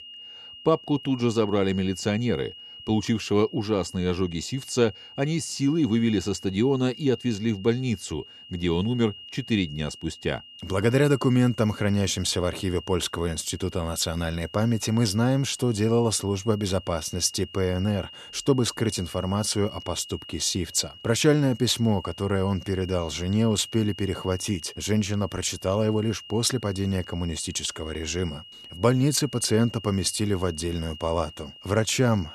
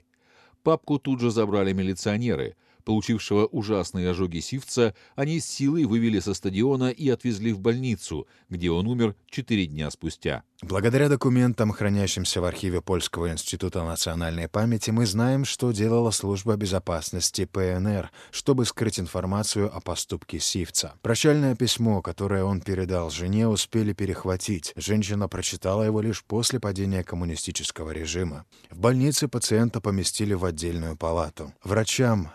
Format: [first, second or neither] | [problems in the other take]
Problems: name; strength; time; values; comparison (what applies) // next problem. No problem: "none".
second | high-pitched whine; noticeable; throughout; 3 kHz, 15 dB below the speech